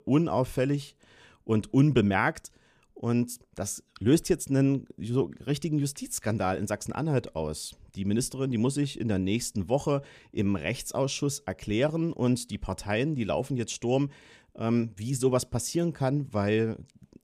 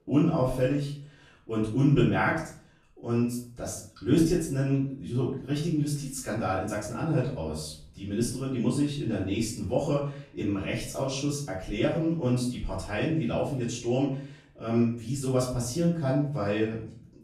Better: first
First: none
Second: room echo; noticeable; dies away in 0.4 s // off-mic speech; far

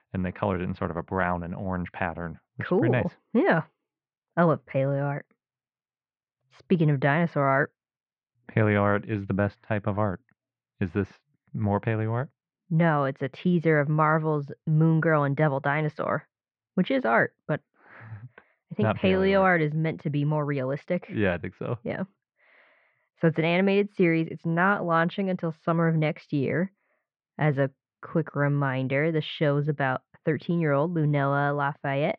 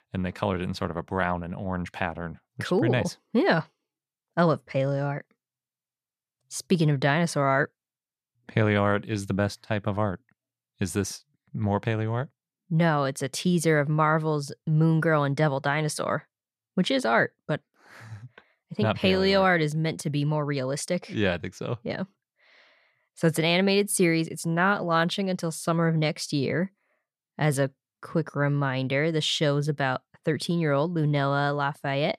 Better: second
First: muffled; very; fading above 2.5 kHz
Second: none

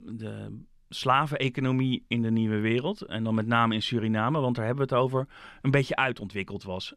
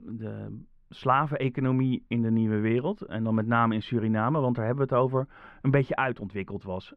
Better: first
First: none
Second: muffled; very; fading above 3 kHz

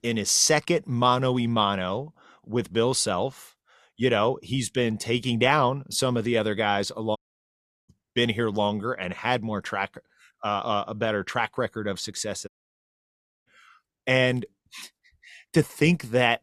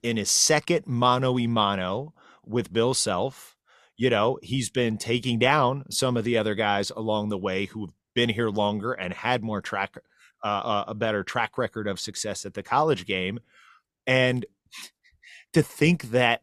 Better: second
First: audio cutting out; at 7 s for 0.5 s and at 12 s for 1 s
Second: none

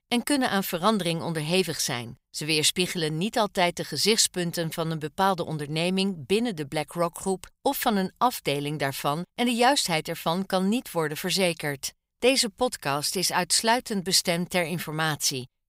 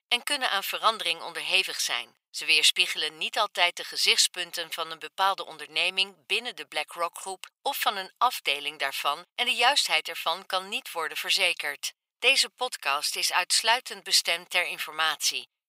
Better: first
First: none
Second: thin; very; fading below 800 Hz

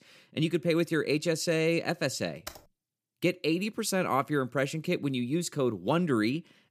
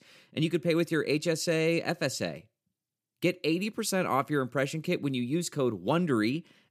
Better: second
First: keyboard typing; faint; at 2.5 s; peak 15 dB below the speech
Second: none

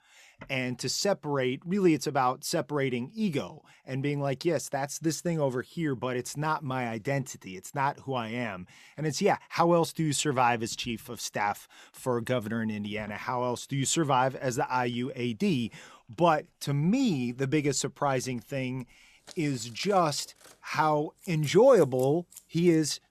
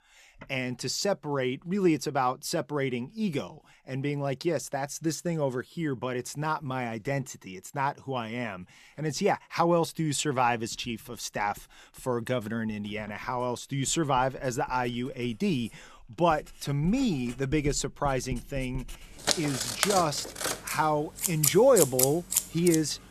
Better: first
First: household noises; faint; throughout; 25 dB below the speech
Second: household noises; loud; throughout; 2 dB below the speech

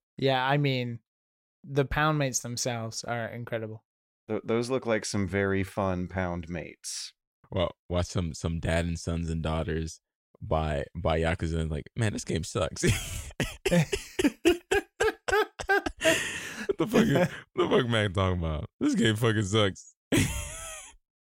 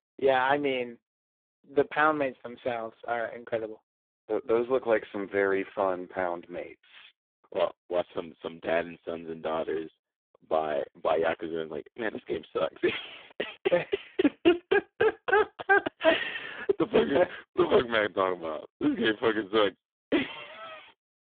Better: first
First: none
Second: phone-call audio; poor line

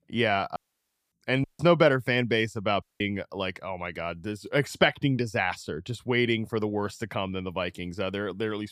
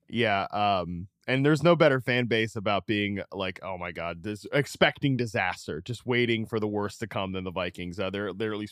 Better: second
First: audio cutting out; at 0.5 s for 0.5 s, at 1.5 s and at 3 s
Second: none

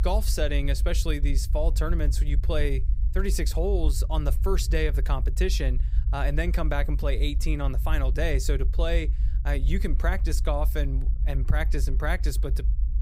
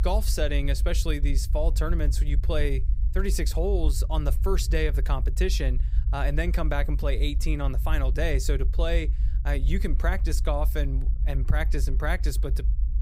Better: neither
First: low rumble; noticeable; throughout; 15 dB below the speech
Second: low rumble; noticeable; throughout; 15 dB below the speech

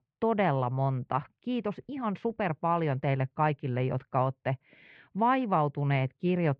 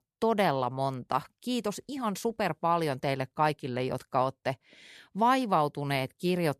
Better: second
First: muffled; very; fading above 2.5 kHz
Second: none

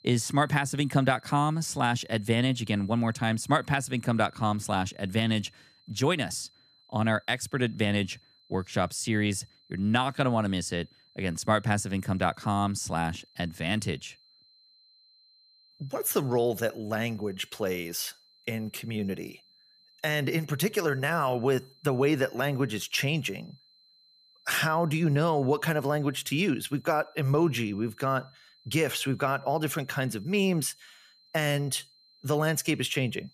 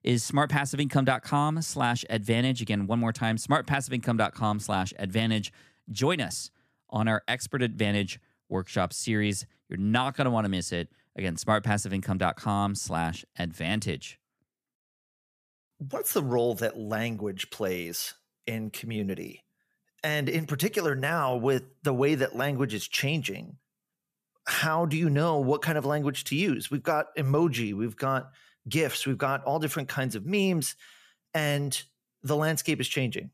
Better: second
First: high-pitched whine; faint; throughout; 4 kHz, 30 dB below the speech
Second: none

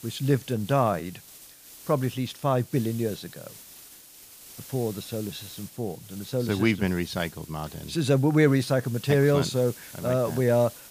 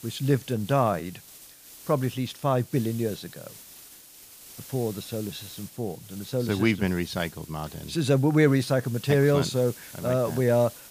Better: neither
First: hiss; noticeable; throughout; 20 dB below the speech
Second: hiss; noticeable; throughout; 20 dB below the speech

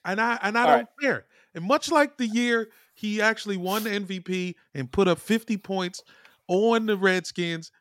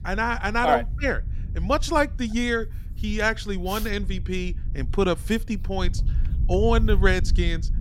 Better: first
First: none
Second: low rumble; faint; throughout; 20 dB below the speech

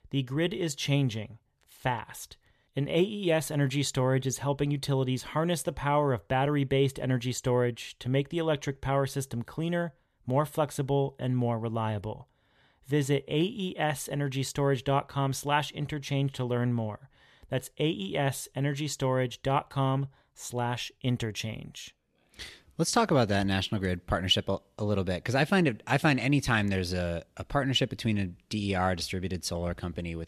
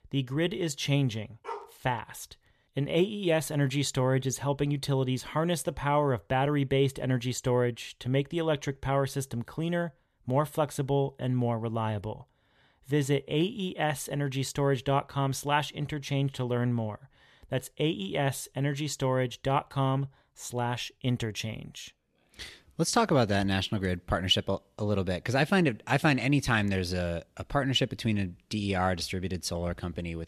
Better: first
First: none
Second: dog barking; faint; at 1.5 s; peak 10 dB below the speech

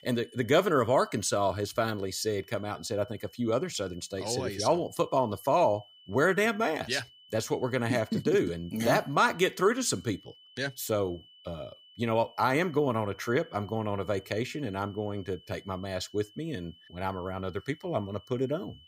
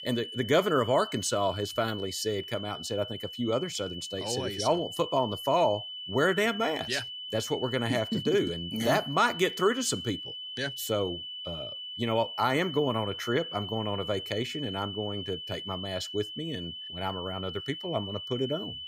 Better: first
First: high-pitched whine; faint; throughout; 3 kHz, 25 dB below the speech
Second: high-pitched whine; loud; throughout; 3 kHz, 7 dB below the speech

